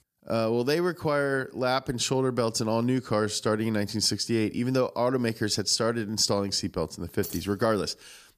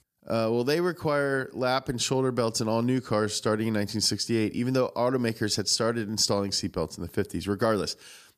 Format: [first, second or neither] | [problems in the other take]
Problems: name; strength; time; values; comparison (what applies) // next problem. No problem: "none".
second | jangling keys; faint; at 7 s; peak 10 dB below the speech